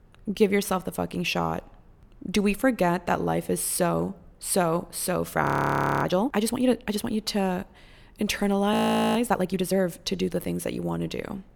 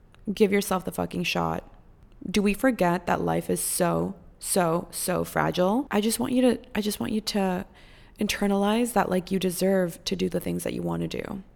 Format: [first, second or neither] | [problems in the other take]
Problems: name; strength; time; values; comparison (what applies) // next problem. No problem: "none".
second | audio freezing; at 5.5 s for 0.5 s and at 8.5 s